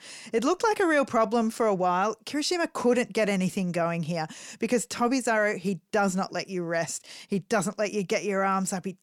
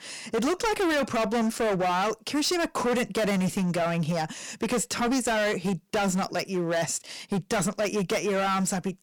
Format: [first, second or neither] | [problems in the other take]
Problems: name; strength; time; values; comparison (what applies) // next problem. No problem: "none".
first | distortion; heavy; 24% of the sound clipped